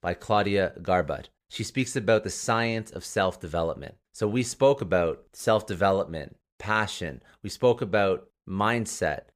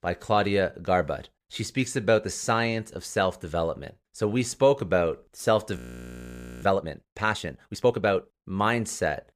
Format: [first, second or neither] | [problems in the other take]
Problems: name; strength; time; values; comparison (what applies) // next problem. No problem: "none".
first | audio freezing; at 6 s for 1 s